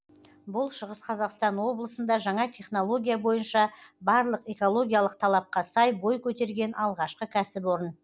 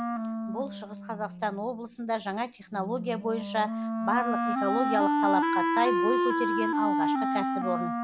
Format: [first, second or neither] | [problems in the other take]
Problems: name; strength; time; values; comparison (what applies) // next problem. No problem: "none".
first | background sound (Wind instrument, woodwind instrument); 3 dB above the speech